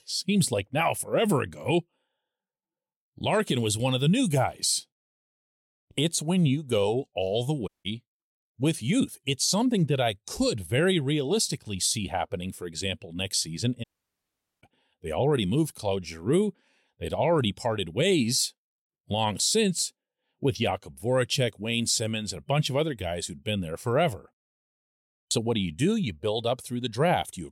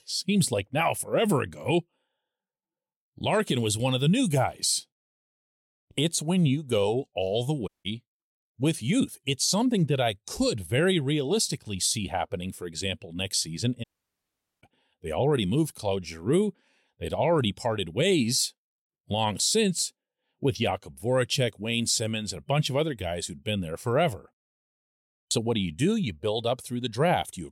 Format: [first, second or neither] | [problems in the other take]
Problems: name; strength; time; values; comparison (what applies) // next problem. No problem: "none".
neither | audio cutting out; at 7.5 s and at 14 s for 1 s; the same in both